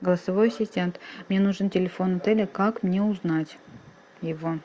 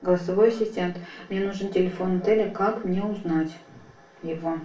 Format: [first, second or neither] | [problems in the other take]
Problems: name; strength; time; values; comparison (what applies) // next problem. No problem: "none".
first | room echo; dies away in 0.3 s